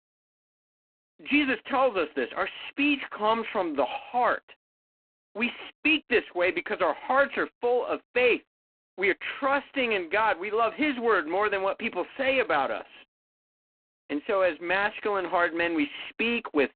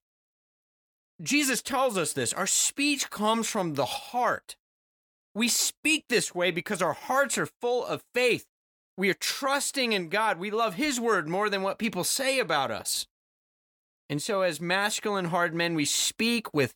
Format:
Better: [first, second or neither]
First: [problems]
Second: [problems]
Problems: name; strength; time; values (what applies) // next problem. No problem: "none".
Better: second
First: phone-call audio; poor line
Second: none